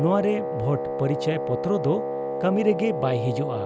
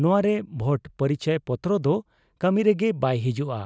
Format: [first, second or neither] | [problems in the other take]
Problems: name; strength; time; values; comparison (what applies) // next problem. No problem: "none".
second | background sound (Wind instrument, woodwind instrument); 3 dB below the speech